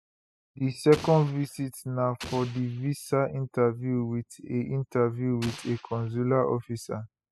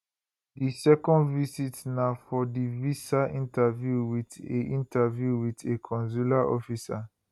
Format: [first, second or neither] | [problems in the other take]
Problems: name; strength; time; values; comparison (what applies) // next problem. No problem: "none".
second | noise reduction (classical method spectral subtraction)